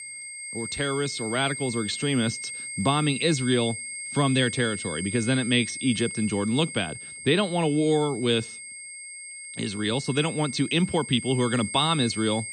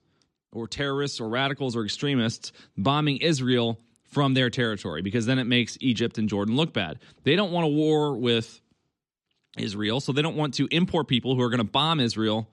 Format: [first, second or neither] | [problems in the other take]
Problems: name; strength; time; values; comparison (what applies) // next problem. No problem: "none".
second | high-pitched whine; loud; throughout; 2 kHz, 8 dB below the speech